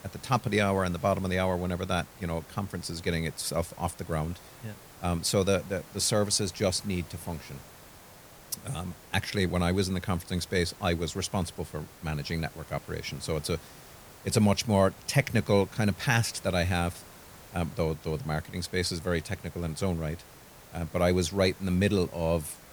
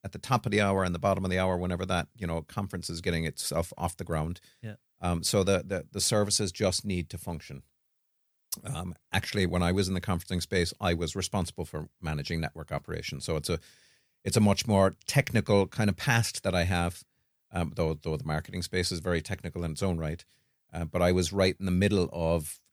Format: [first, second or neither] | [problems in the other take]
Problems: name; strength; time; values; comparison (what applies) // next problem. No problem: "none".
second | hiss; noticeable; throughout; 20 dB below the speech